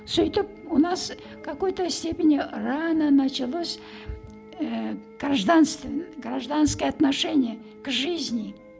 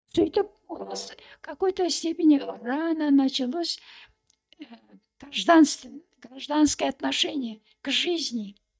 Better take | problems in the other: first | noise reduction (neural mask model DeepFilterNet 3)

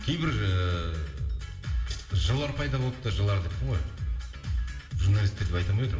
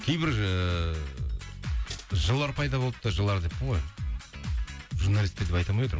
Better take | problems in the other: second | room echo; dies away in 1.6 s

